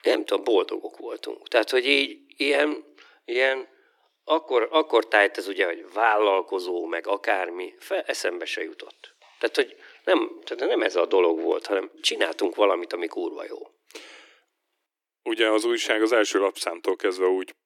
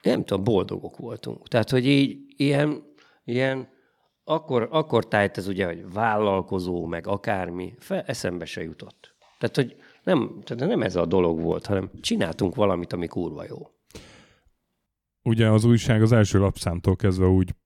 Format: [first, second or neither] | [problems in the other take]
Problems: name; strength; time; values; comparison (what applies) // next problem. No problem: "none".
second | thin; very; fading below 300 Hz